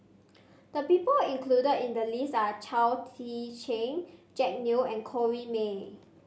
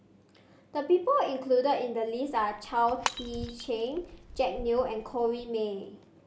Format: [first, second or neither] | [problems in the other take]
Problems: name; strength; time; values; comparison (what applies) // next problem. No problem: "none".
first | background sound (Shatter / Crushing); 12 dB below the speech